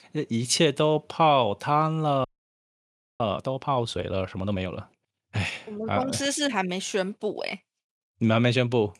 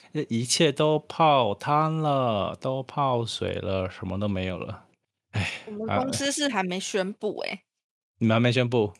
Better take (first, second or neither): second